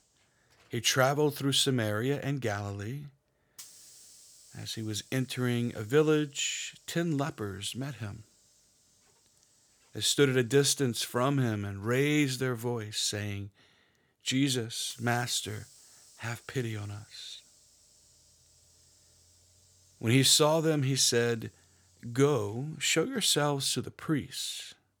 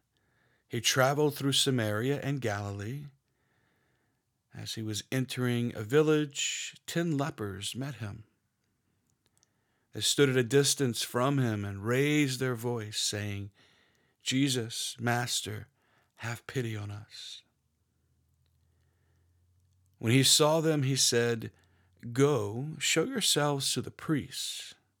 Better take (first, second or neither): second